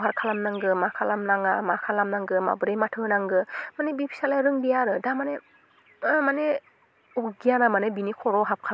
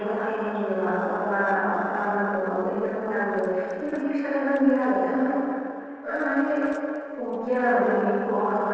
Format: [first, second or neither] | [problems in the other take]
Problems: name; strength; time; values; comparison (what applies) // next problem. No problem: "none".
first | noise reduction (neural separator model SepFormer DNS4)